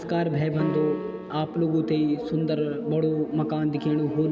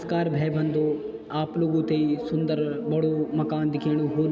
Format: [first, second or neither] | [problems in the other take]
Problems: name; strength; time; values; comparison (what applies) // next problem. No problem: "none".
second | background sound (Piano); 14 dB below the speech